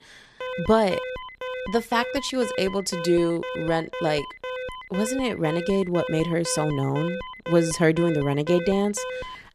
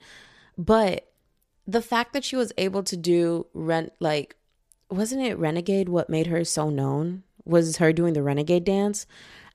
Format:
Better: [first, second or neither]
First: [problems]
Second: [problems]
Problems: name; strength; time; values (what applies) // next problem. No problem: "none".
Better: second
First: alarm; noticeable; peak 8 dB below the speech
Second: none